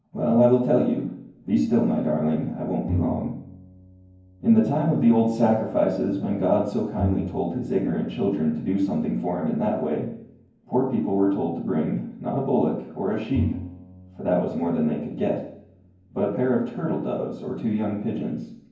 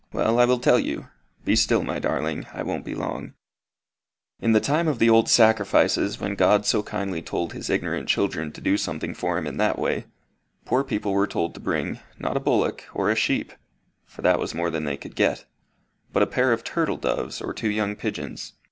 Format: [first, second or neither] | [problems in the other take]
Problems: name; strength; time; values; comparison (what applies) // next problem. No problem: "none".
second | background sound (Bowed string instrument); 13 dB below the speech // room echo; dies away in 0.9 s